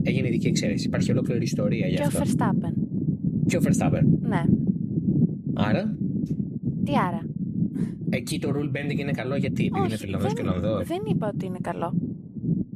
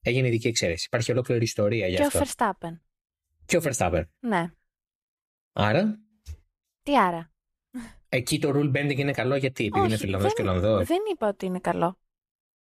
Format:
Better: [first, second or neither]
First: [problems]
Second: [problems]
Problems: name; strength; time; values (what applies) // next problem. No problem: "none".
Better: second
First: low rumble; loud; throughout; 3 dB below the speech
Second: none